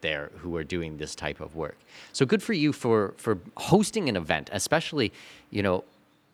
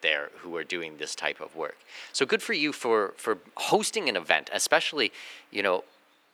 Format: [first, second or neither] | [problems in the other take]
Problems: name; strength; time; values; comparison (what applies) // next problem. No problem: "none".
first | thin; somewhat; fading below 450 Hz